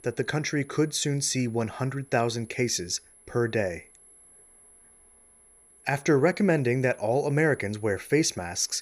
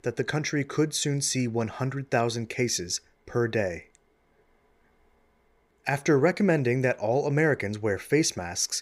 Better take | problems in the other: second | high-pitched whine; faint; throughout; 11 kHz, 25 dB below the speech

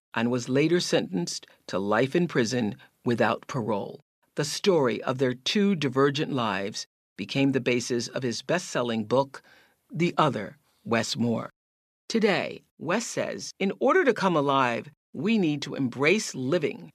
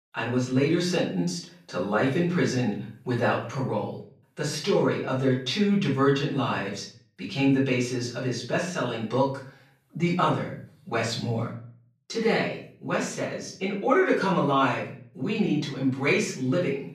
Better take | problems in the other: first | room echo; slight; dies away in 0.5 s // off-mic speech; far

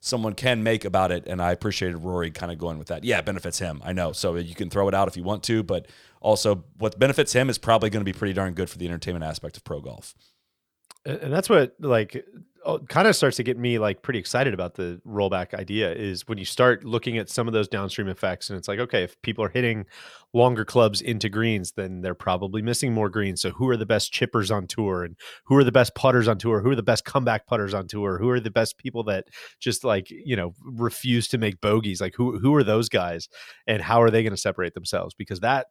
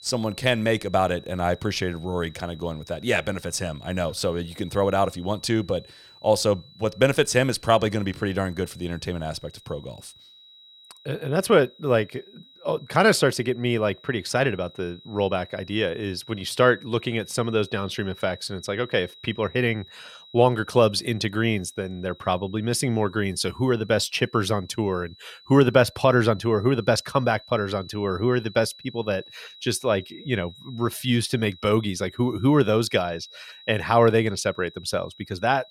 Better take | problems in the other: first | high-pitched whine; faint; throughout; 4 kHz, 25 dB below the speech

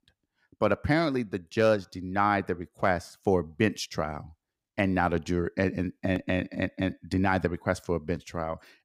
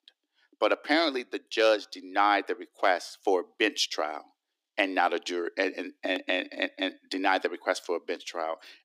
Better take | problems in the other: first | thin; somewhat; fading below 300 Hz

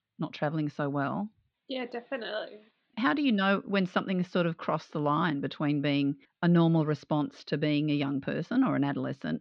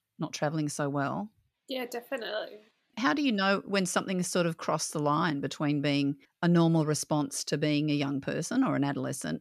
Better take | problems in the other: second | muffled; slightly; fading above 4 kHz

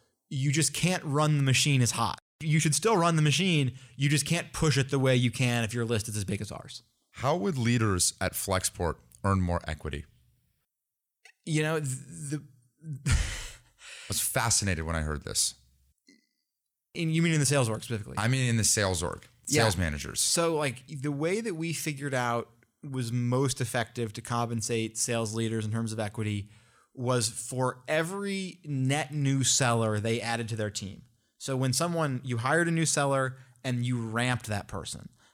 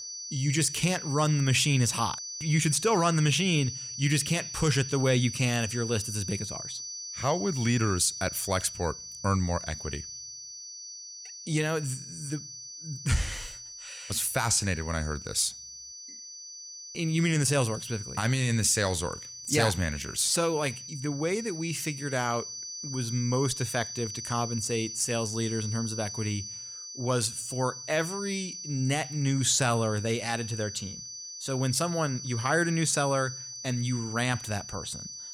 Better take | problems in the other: first | high-pitched whine; loud; throughout; 6 kHz, 9 dB below the speech

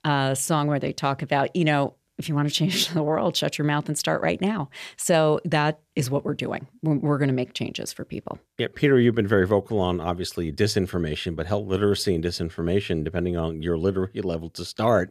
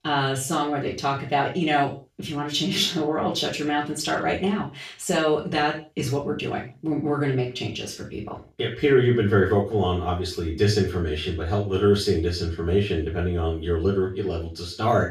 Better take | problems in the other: first | room echo; slight; dies away in 0.3 s // off-mic speech; far

